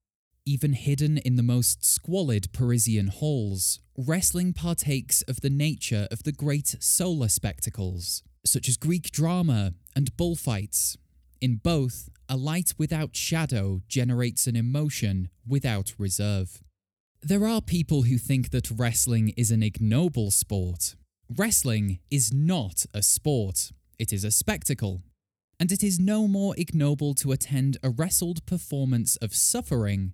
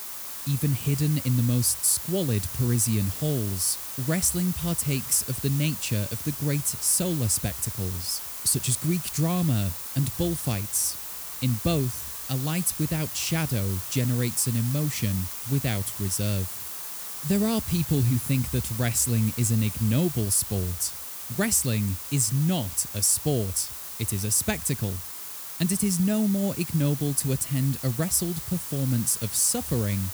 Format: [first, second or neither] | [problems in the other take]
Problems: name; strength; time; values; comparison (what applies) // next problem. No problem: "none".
first | hiss; loud; throughout; 7 dB below the speech